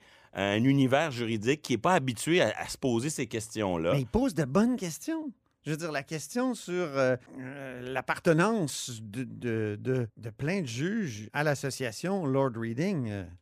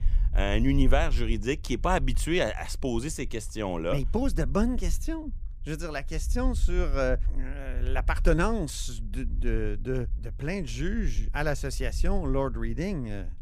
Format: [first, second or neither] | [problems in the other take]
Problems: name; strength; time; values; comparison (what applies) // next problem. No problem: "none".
first | low rumble; faint; throughout; 25 dB below the speech